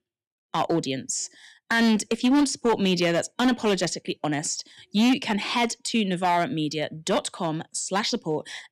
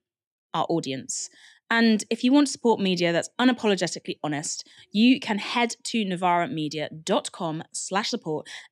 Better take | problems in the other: second | distortion; slight; 6% of the sound clipped

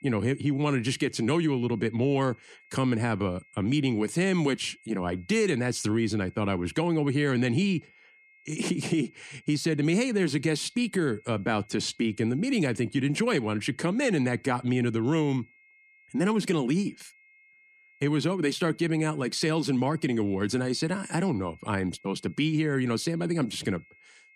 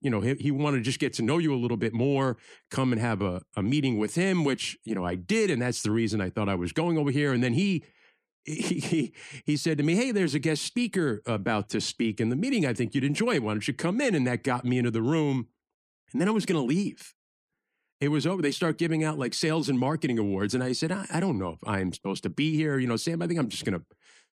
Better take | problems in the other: second | high-pitched whine; faint; throughout; 2 kHz, 30 dB below the speech

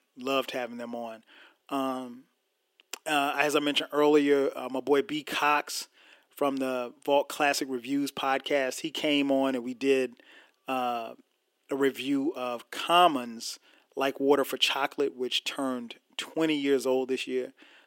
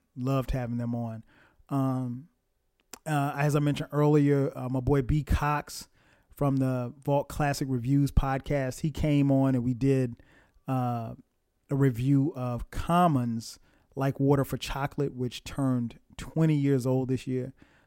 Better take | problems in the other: second | thin; somewhat; fading below 350 Hz

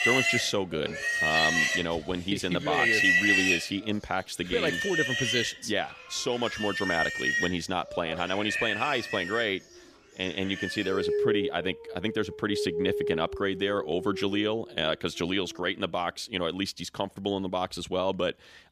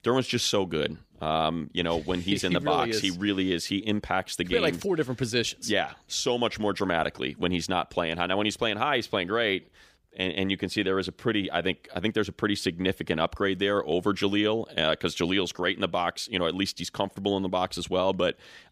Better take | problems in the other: second | animal sounds; very loud; throughout; 2 dB above the speech

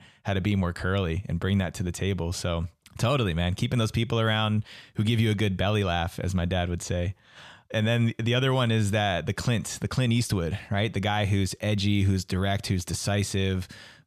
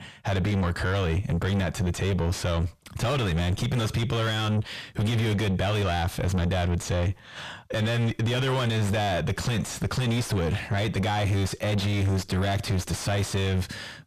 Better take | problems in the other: first | distortion; heavy; 5 dB below the speech

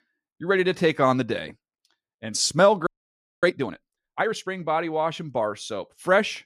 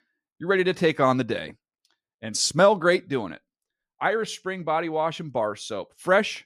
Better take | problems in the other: second | audio freezing; at 3 s for 0.5 s

